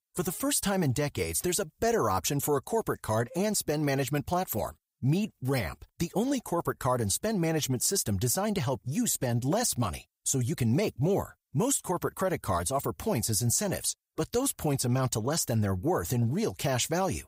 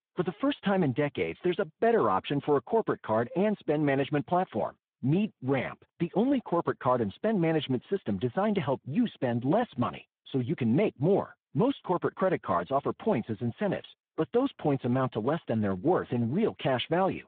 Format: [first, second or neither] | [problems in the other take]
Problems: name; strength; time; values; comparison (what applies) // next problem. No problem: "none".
first | phone-call audio